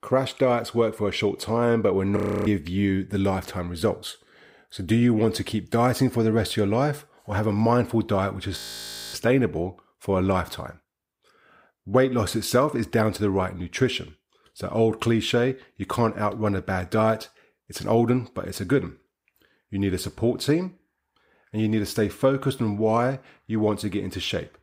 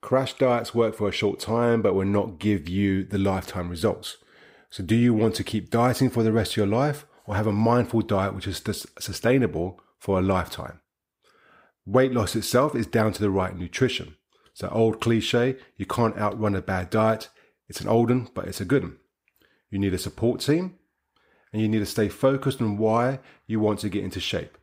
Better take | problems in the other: second | audio freezing; at 2 s and at 8.5 s for 0.5 s

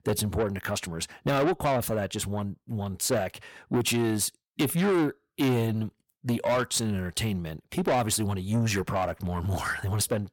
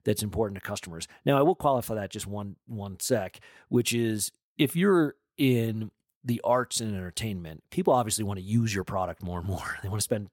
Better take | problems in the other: second | distortion; heavy; 7 dB below the speech

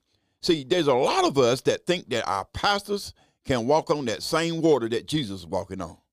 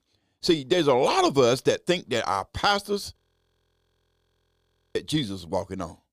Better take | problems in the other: first | audio freezing; at 3 s for 2 s

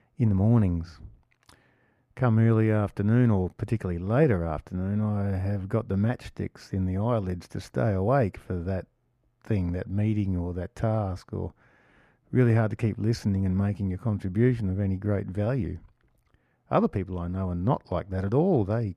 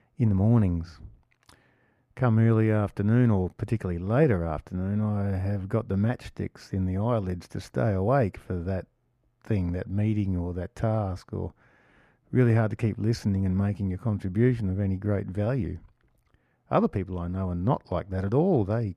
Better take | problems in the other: neither | muffled; slightly; fading above 2.5 kHz; the same in both

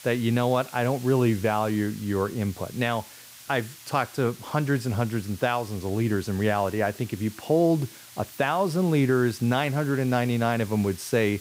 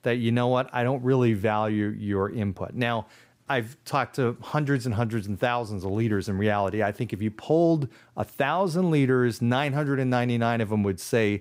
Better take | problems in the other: second | hiss; noticeable; throughout; 20 dB below the speech

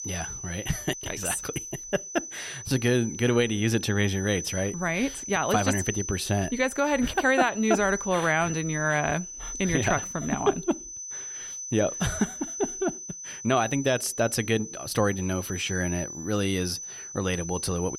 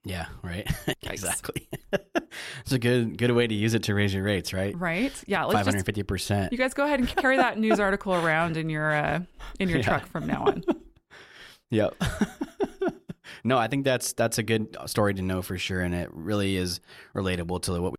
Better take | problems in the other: second | high-pitched whine; loud; throughout; 6 kHz, 8 dB below the speech

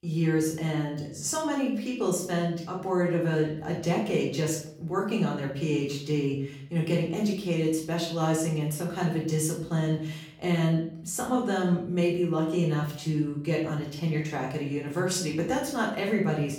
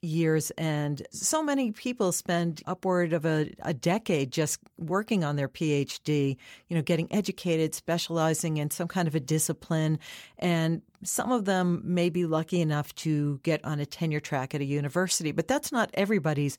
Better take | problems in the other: second | off-mic speech; far // room echo; noticeable; dies away in 0.5 s

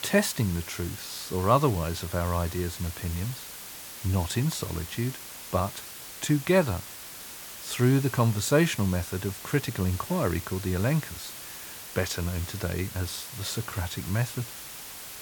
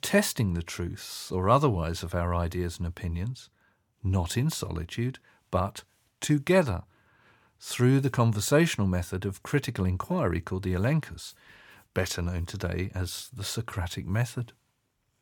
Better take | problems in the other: second | hiss; noticeable; throughout; 10 dB below the speech

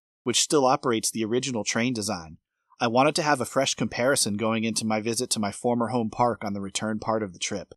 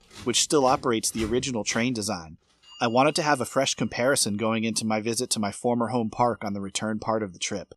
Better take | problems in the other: first | household noises; noticeable; throughout; 20 dB below the speech

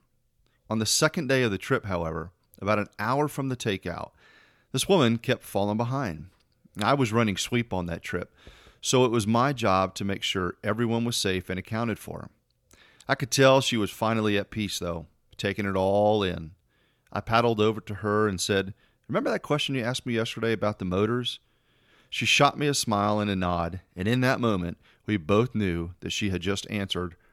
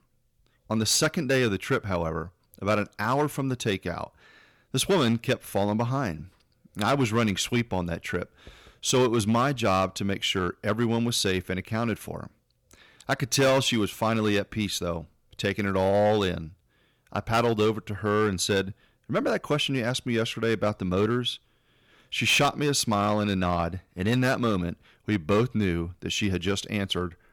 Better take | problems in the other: first | distortion; slight; 4% of the sound clipped

